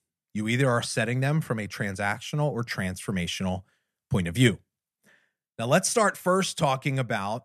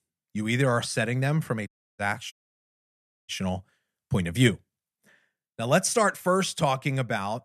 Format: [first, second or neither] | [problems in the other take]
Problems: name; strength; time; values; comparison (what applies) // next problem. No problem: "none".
first | audio cutting out; at 1.5 s and at 2.5 s for 1 s